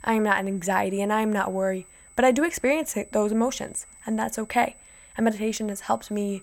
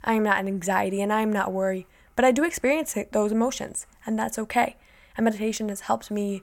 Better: second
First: high-pitched whine; faint; throughout; 8 kHz, 25 dB below the speech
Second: none

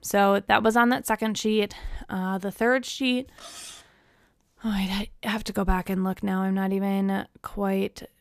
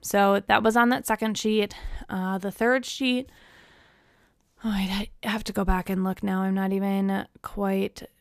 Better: second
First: clattering dishes; faint; at 3.5 s; peak 15 dB below the speech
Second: none

